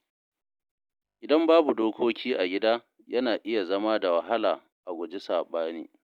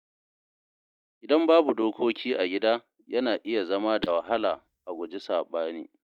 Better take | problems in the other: first | noise reduction (neural mask model DeepFilterNet 3)

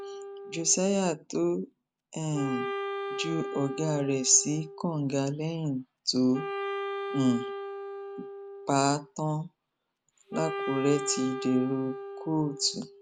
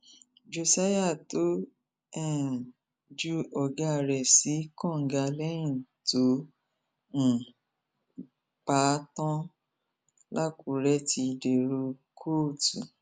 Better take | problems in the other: second | background sound (Wind instrument, woodwind instrument); 8 dB below the speech

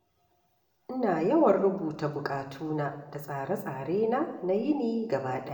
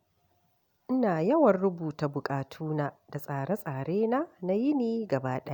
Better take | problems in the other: second | room echo; dies away in 0.8 s

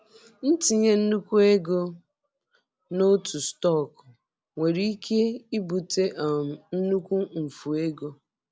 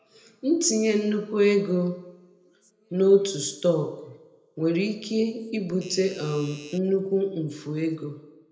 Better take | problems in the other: first | background sound (Doorbell); 20 dB below the speech // room echo; dies away in 0.8 s

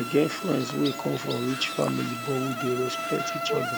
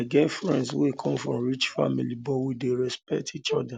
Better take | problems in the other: second | background sound (Insect); 5 dB below the speech

